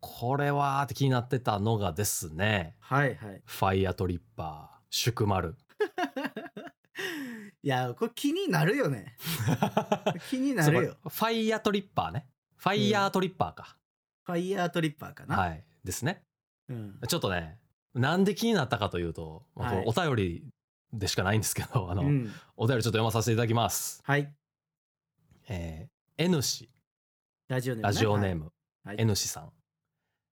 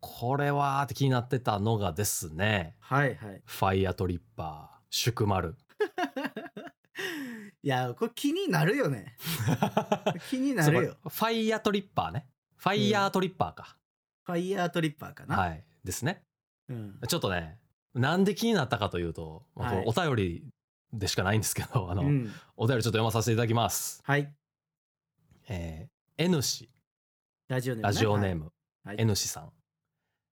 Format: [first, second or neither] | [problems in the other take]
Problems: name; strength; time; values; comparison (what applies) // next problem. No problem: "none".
neither | none